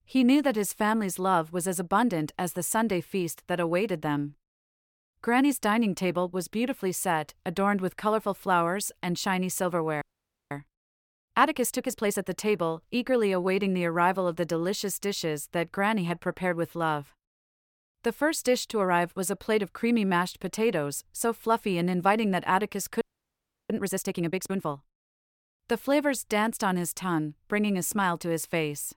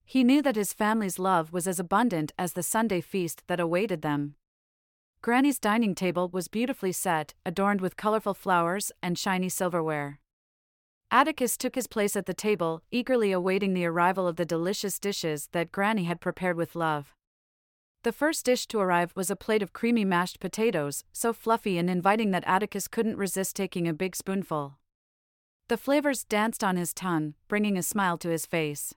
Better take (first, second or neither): second